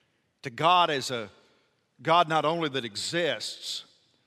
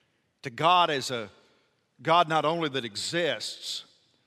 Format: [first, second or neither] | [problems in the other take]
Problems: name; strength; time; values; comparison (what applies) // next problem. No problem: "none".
neither | none